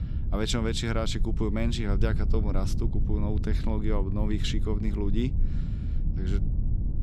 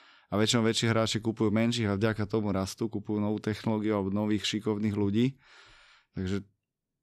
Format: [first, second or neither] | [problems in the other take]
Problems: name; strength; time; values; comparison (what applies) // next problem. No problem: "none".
second | low rumble; noticeable; throughout; 10 dB below the speech